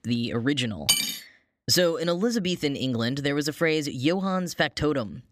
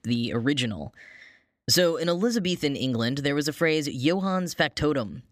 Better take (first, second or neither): second